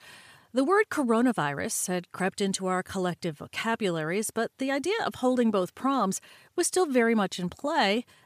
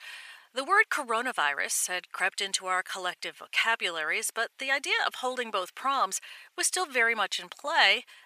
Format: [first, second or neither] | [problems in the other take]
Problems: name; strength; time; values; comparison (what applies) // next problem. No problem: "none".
first | thin; very; fading below 800 Hz